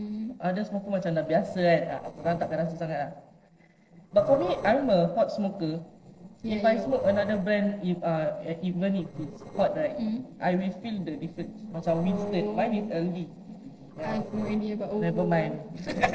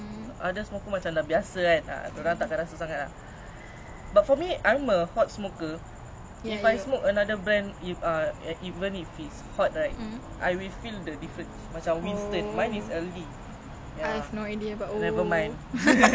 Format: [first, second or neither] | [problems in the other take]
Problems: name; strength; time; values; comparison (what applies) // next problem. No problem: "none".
second | noise reduction (neural separator model SepFormer DNS4)